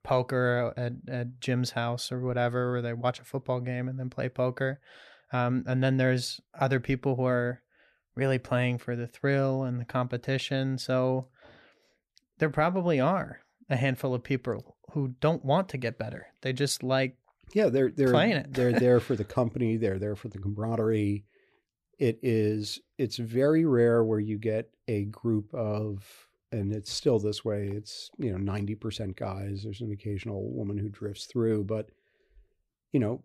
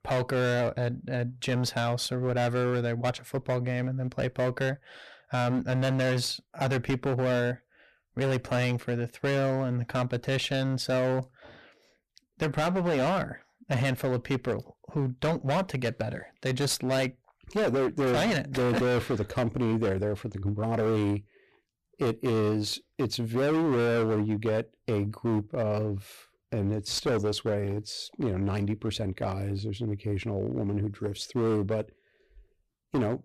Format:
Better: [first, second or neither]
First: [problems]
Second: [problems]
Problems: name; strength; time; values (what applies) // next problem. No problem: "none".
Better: first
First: none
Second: distortion; heavy; 19% of the sound clipped